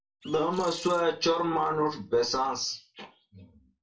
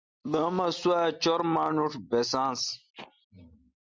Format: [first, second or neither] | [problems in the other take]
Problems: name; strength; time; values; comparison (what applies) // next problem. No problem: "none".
second | background sound (Bird); 18 dB below the speech // room echo; dies away in 0.2 s